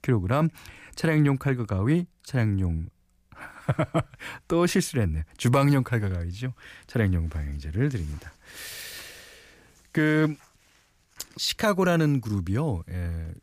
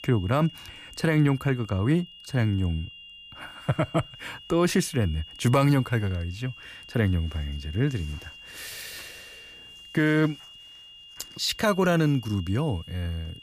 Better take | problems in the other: first | high-pitched whine; noticeable; throughout; 3 kHz, 20 dB below the speech

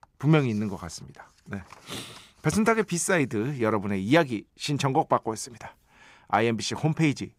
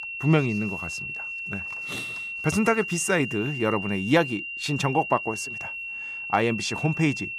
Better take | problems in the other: first | high-pitched whine; loud; throughout; 2.5 kHz, 6 dB below the speech

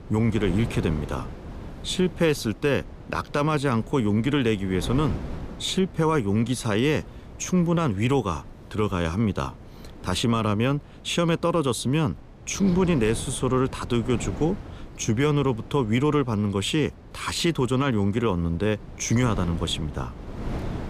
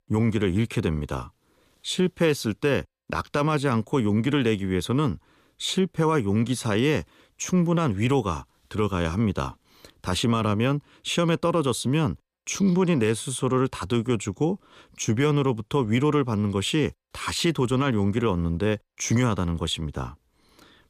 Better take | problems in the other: second | wind noise on the microphone; occasional gusts; 15 dB below the speech

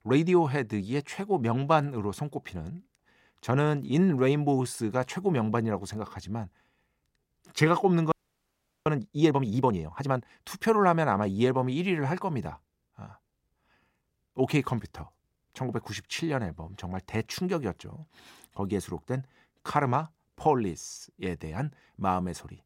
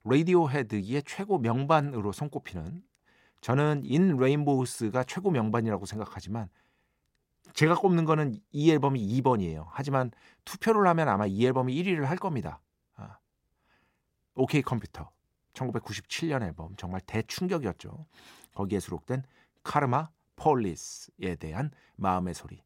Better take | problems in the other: second | audio freezing; at 8 s for 0.5 s

